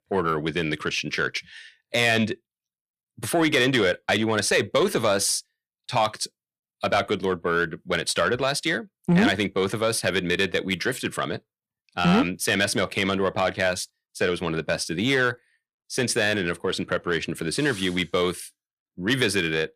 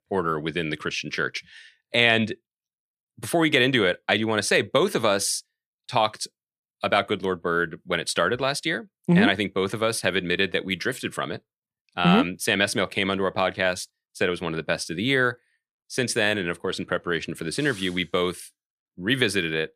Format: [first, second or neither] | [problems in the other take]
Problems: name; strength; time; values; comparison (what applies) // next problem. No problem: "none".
second | distortion; slight; 10 dB below the speech